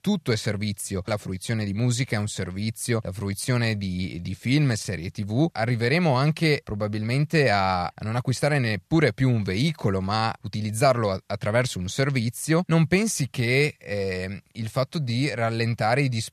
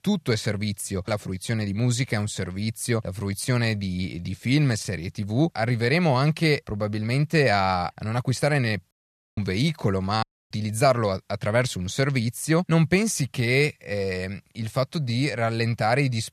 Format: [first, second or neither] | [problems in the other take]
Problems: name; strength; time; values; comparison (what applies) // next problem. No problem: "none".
first | audio cutting out; at 9 s and at 10 s